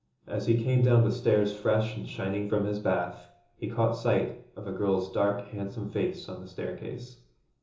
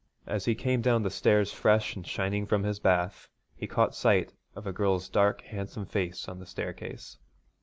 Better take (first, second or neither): second